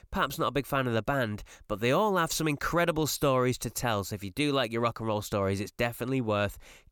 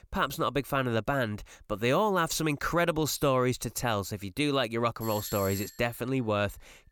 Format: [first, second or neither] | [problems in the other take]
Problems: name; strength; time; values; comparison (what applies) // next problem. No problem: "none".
first | doorbell; noticeable; at 5 s; peak 8 dB below the speech